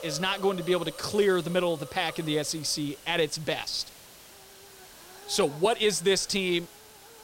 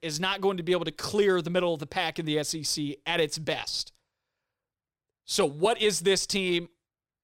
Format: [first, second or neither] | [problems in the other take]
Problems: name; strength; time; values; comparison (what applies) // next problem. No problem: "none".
second | hiss; noticeable; throughout; 15 dB below the speech